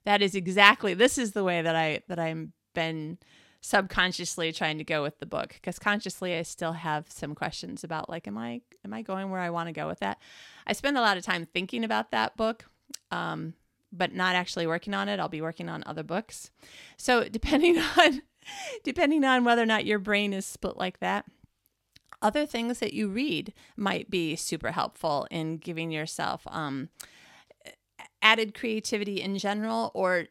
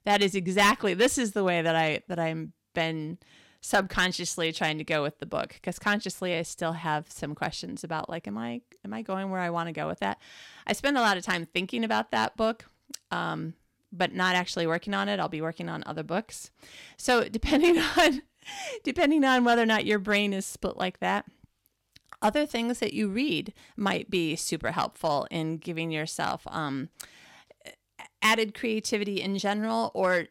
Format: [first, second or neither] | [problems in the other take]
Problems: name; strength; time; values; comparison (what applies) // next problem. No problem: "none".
first | distortion; slight; 1.2% of the sound clipped